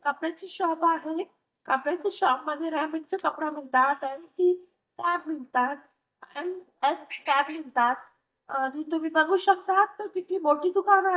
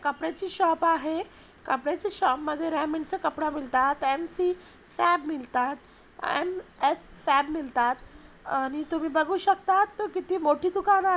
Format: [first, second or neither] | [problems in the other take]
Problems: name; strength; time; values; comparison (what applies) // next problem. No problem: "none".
second | noise reduction (neural mask model DeepFilterNet 3)